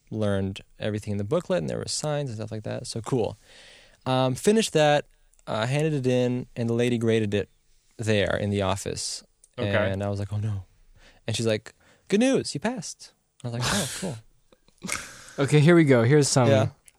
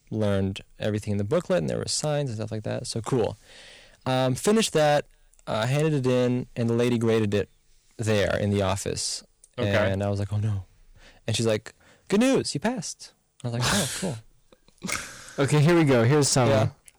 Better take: first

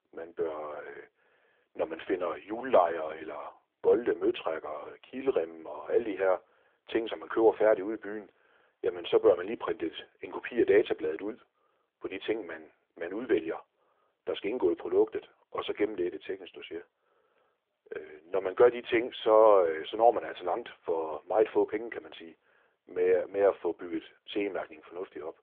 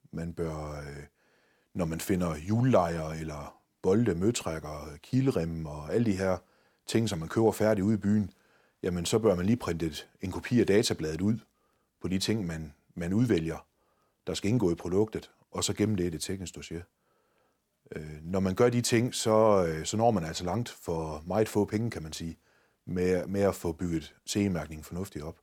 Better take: second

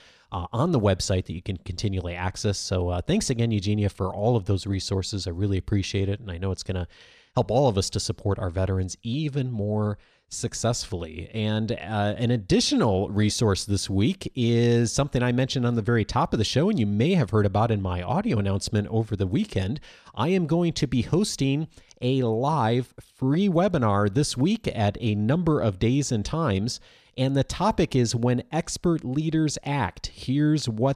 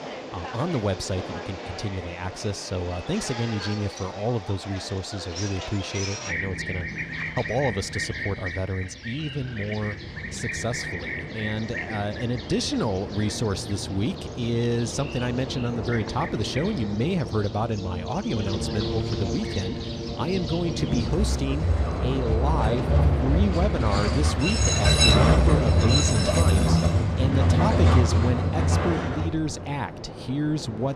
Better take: first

